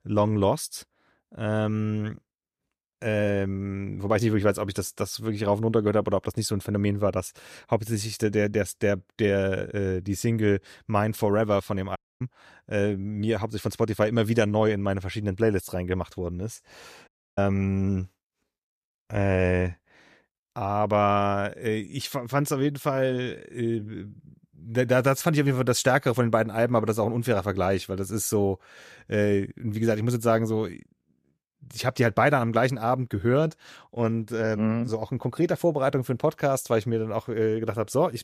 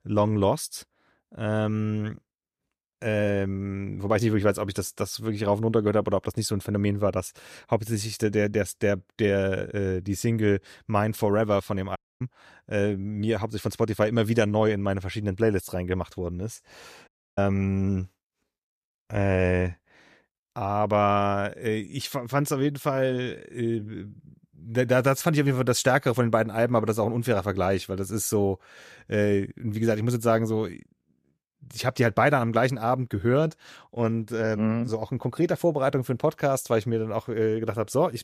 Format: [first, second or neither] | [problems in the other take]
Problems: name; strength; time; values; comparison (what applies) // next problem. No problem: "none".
neither | audio cutting out; at 12 s and at 17 s; the same in both